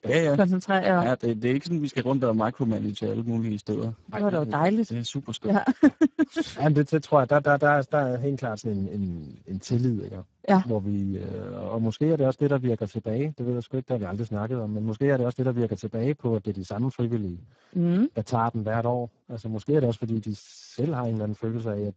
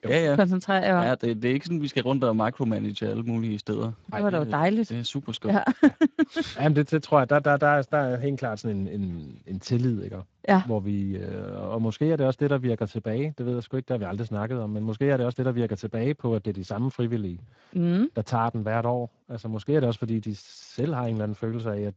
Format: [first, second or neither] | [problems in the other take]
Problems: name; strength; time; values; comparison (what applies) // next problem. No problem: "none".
second | garbled, watery; badly; nothing above 7.5 kHz; slightly in the second